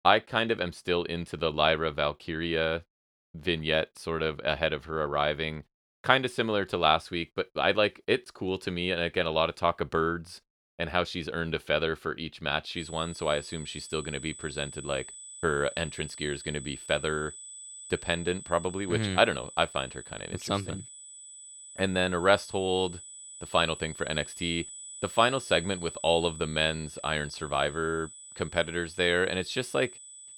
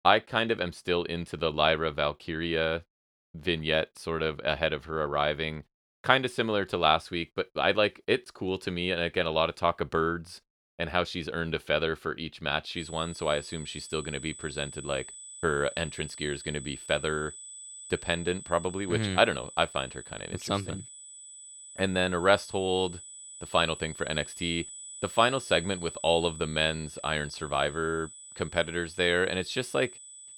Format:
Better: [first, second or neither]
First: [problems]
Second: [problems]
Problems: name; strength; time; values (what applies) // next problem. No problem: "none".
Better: neither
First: high-pitched whine; noticeable; from 13 s on; 8 kHz, 15 dB below the speech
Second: high-pitched whine; noticeable; from 13 s on; 8 kHz, 15 dB below the speech